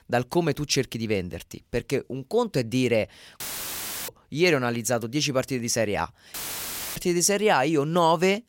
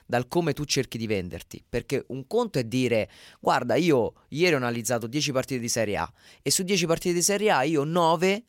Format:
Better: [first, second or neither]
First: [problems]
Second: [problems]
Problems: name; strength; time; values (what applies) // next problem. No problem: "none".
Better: second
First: audio cutting out; filled with static; at 3.5 s for 0.5 s and at 6.5 s for 0.5 s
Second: none